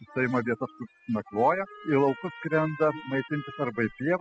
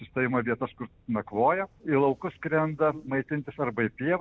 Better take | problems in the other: second | noise reduction (classical method spectral subtraction)

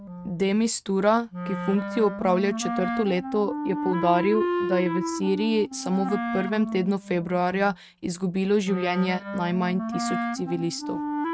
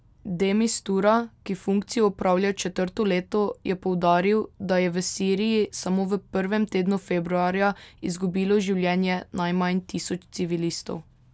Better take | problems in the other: second | noise reduction (neural mask model RNNoise)

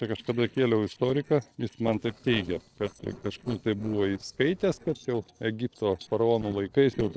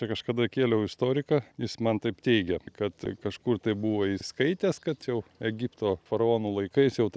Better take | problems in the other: second | noise reduction (neural separator model SepFormer DNS4)

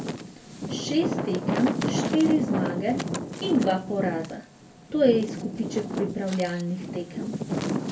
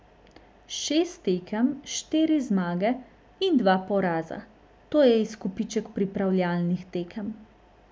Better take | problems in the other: second | background sound (Wind); 3 dB below the speech // room echo; dies away in 0.2 s

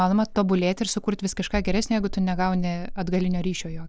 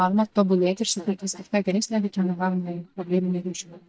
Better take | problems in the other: first | noise reduction (neural mask model DeepFilterNet 3)

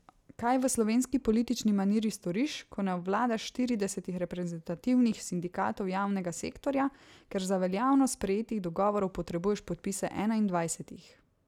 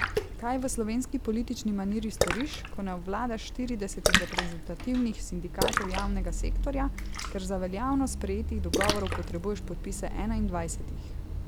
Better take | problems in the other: first | background sound (Splash, splatter); 1 dB above the speech

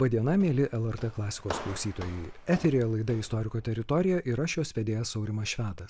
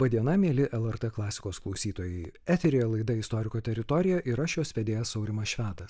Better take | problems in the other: second | background sound (Walk, footsteps); 15 dB below the speech

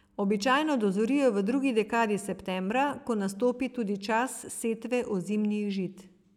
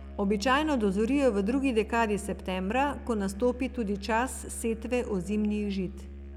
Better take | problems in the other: first | background sound (Musical instrument); 13 dB below the speech

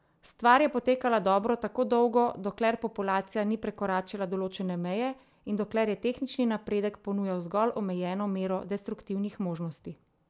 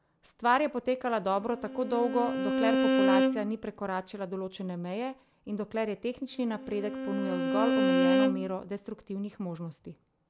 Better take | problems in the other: first | background sound (Bowed string instrument); 3 dB above the speech

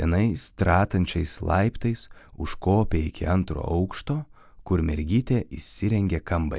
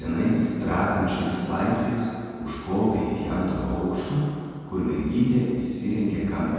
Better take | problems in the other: first | room echo; dies away in 2.1 s

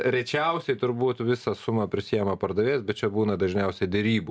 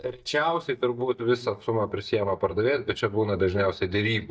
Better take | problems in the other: first | noise reduction (neural mask model DeepFilterNet 3)

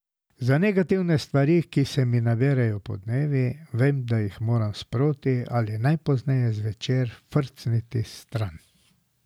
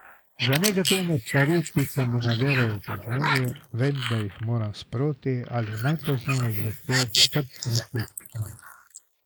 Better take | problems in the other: first | noise reduction (neural mask model Resemble Enhance denoiser)

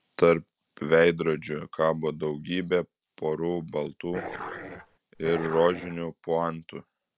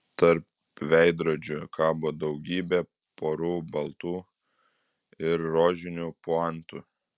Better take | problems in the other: second | background sound (Dog); 10 dB below the speech

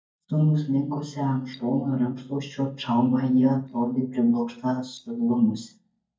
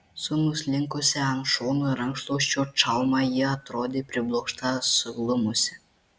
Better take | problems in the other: second | noise reduction (neural mask model DeepFilterNet 3)

